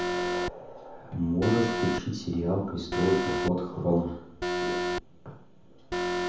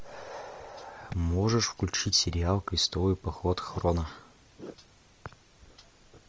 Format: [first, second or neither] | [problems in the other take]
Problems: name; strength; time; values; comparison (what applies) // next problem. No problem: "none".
second | background sound (Alarm); 2 dB below the speech // room echo; dies away in 0.7 s